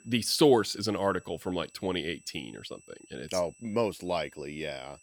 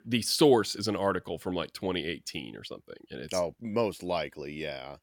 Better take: second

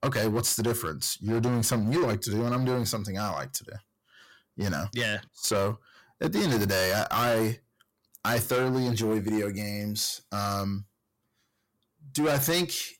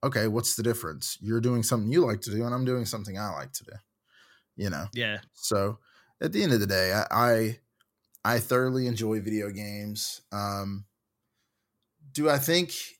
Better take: second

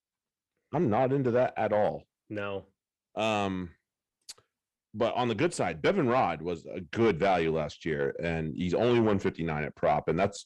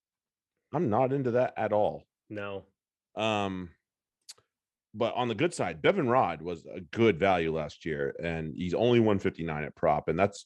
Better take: second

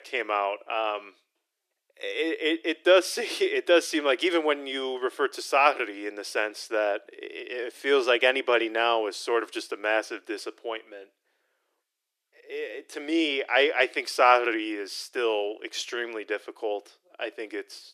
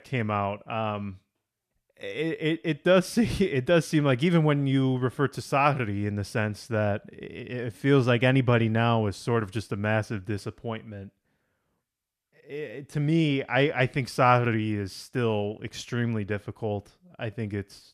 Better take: second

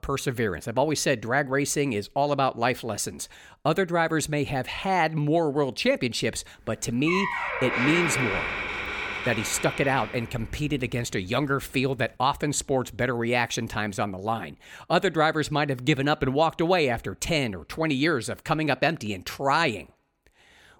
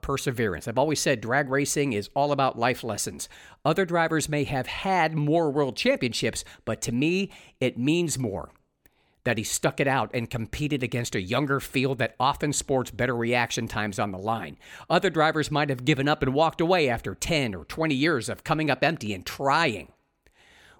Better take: second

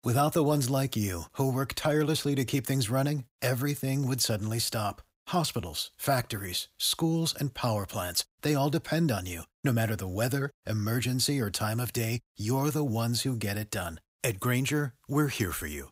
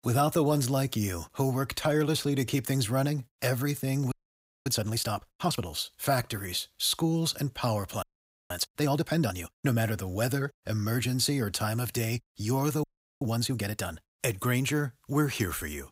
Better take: first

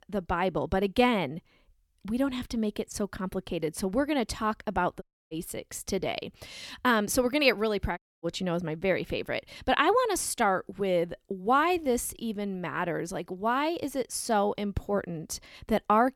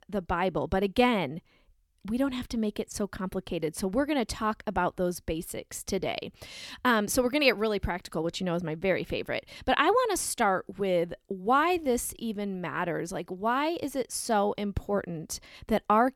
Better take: second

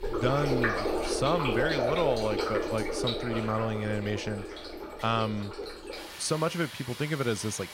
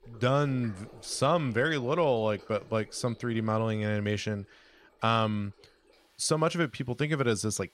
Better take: second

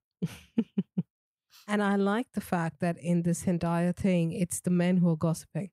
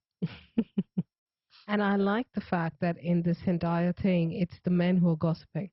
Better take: first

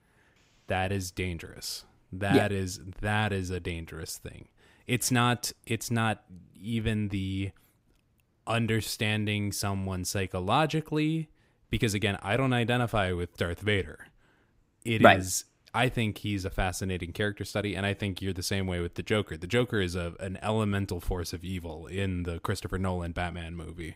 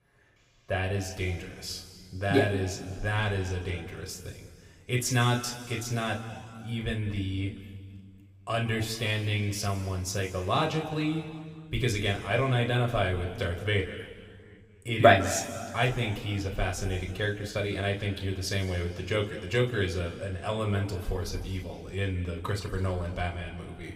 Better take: first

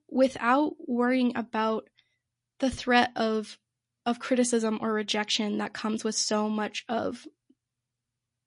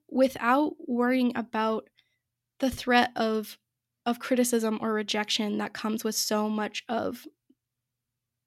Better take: second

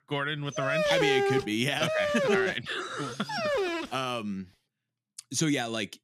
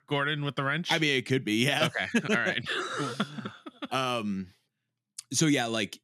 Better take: second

